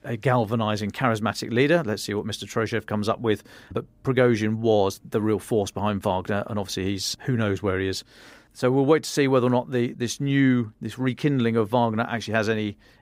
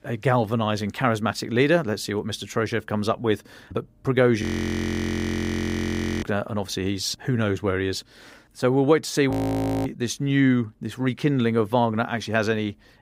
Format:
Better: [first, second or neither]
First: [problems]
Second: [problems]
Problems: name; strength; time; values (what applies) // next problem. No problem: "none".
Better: first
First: none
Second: audio freezing; at 4.5 s for 2 s and at 9.5 s for 0.5 s